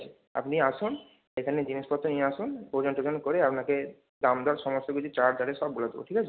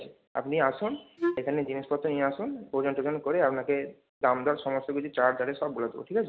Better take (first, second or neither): first